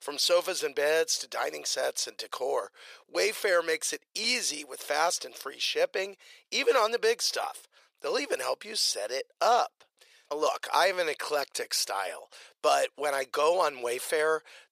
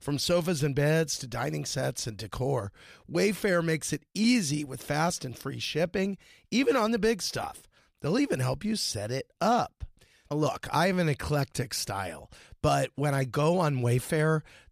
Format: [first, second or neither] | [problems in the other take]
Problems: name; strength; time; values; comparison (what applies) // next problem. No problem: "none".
second | thin; very; fading below 450 Hz